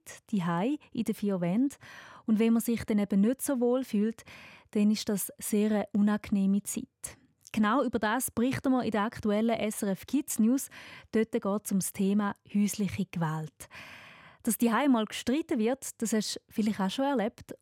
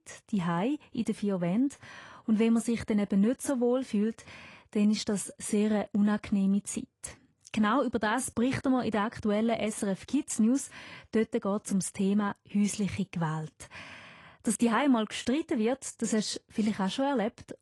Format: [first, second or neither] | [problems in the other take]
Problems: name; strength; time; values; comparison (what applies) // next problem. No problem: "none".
first | garbled, watery; slightly; nothing above 10.5 kHz